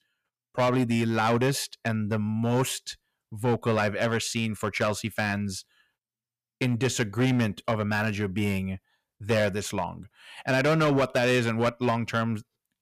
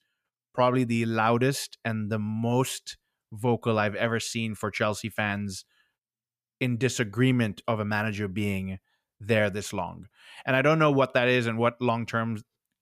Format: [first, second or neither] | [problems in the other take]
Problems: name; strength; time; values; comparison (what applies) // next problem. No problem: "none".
second | distortion; slight; 7% of the sound clipped